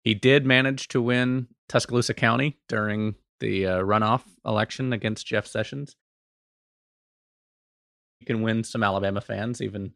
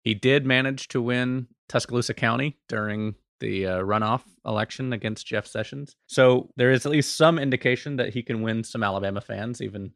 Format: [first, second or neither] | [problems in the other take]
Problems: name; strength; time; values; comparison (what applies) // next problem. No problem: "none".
second | audio cutting out; at 6 s for 2 s